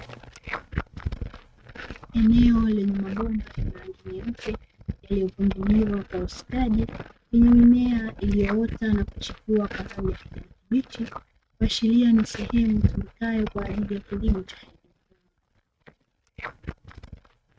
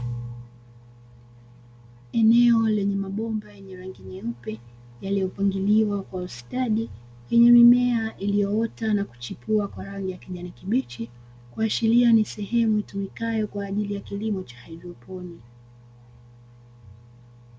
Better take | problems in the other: second | noise reduction (neural mask model RNNoise)

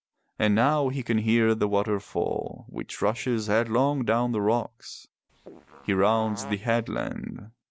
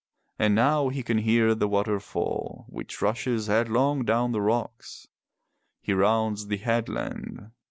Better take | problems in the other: second | background sound (Fart); 18 dB below the speech

